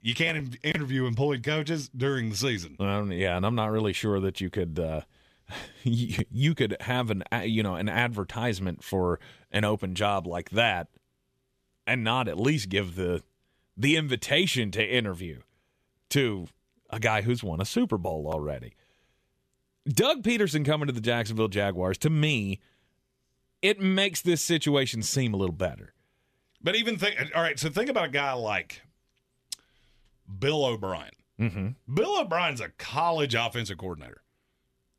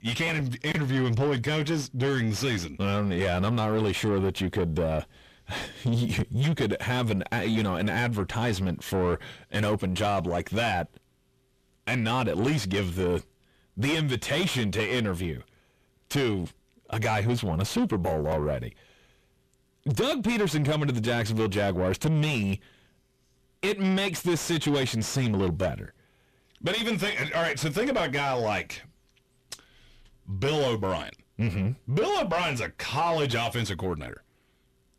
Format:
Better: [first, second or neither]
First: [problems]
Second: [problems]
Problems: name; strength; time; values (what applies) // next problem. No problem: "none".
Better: first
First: none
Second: distortion; heavy; 7 dB below the speech